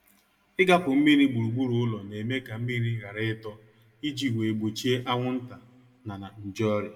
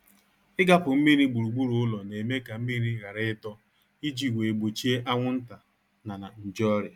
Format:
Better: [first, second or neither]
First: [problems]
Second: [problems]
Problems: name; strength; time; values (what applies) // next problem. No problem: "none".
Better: second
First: room echo; dies away in 0.9 s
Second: none